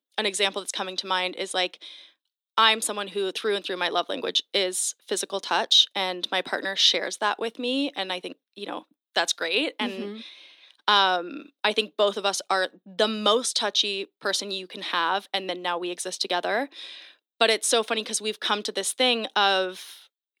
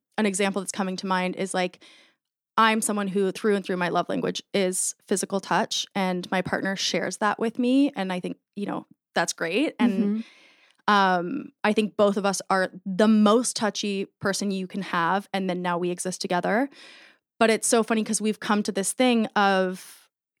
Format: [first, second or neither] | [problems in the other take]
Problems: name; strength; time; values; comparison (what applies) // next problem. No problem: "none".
second | thin; somewhat; fading below 350 Hz